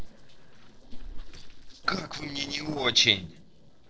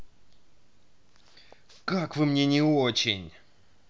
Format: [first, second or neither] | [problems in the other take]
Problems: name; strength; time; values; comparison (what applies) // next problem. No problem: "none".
second | noise reduction (neural separator model SepFormer DNS4)